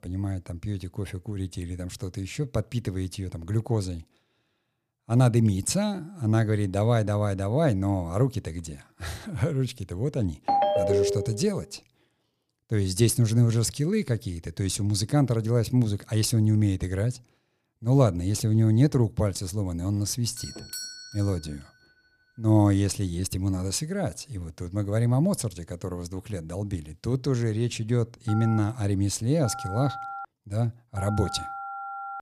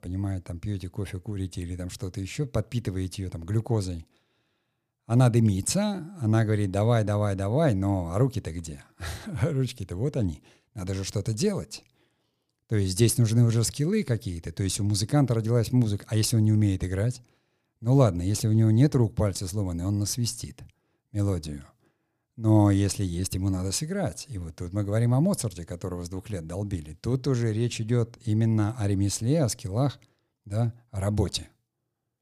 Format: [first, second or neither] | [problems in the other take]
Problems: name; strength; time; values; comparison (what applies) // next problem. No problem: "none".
second | phone ringing; loud; at 10 s; peak 3 dB above the speech // doorbell; noticeable; at 20 s; peak 8 dB below the speech // phone ringing; noticeable; from 28 s on; peak 9 dB below the speech